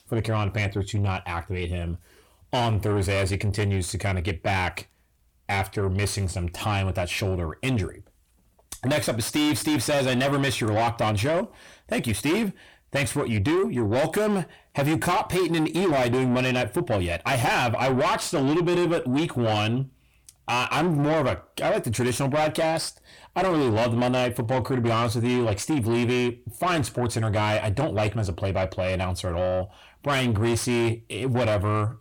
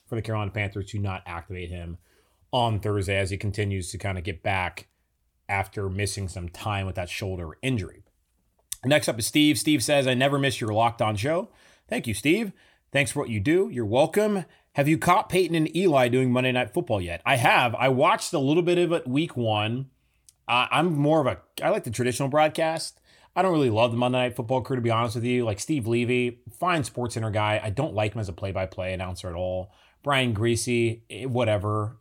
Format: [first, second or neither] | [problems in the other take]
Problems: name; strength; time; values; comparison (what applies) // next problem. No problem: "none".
second | distortion; heavy; 7 dB below the speech